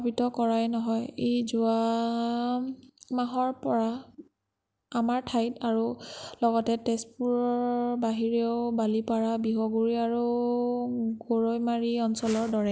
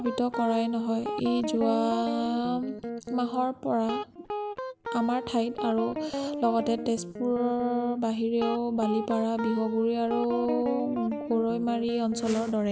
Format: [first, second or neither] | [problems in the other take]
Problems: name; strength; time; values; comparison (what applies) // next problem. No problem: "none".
first | background sound (Guitar); 7 dB below the speech